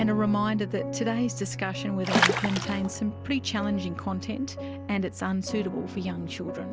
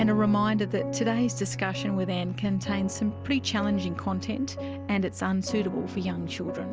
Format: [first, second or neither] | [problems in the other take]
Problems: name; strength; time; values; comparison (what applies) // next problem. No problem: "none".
second | background sound (Water / Splash, splatter); 2 dB above the speech